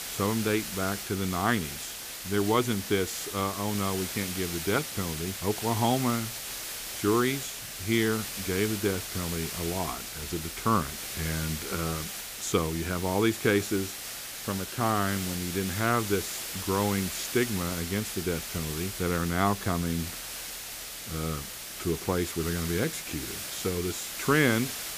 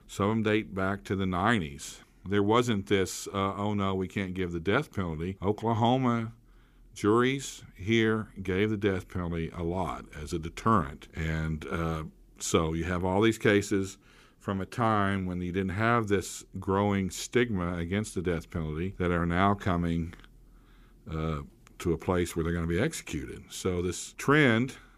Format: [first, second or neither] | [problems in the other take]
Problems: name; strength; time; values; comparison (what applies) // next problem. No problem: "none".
second | hiss; loud; throughout; 5 dB below the speech